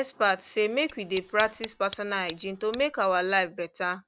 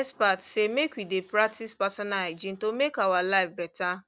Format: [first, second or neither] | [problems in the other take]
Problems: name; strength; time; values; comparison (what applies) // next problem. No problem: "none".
second | background sound (Tick); 17 dB below the speech